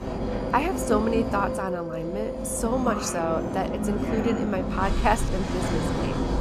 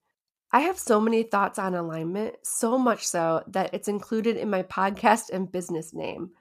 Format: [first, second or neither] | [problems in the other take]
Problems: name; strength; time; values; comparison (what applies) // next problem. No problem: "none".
second | train or aircraft noise; loud; throughout; 1 dB below the speech